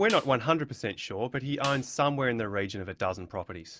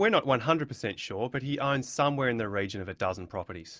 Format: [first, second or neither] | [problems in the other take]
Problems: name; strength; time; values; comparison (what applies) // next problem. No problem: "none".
second | background sound (Snare drum); 17 dB below the speech